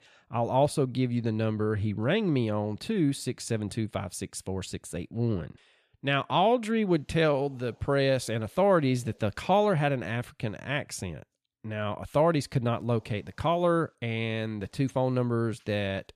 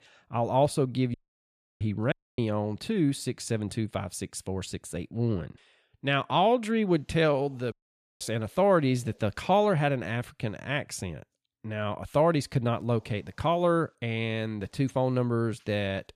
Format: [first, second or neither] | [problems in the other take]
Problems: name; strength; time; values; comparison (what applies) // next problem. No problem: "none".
first | audio cutting out; at 1 s for 0.5 s, at 2 s and at 7.5 s